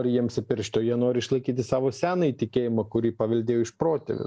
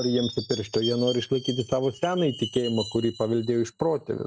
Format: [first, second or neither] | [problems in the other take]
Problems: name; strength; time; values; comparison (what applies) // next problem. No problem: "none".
first | noise reduction (neural mask model RNNoise)